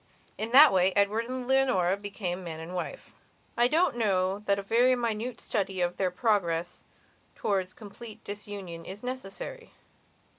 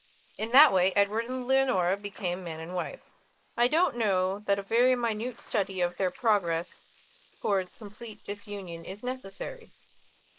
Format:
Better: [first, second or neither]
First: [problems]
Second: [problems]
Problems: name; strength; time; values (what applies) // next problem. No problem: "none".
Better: first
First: none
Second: noise reduction (neural mask model Resemble Enhance denoiser)